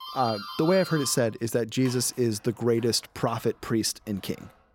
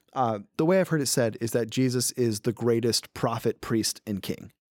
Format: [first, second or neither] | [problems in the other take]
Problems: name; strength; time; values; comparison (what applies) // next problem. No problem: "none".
second | doorbell; noticeable; peak 9 dB below the speech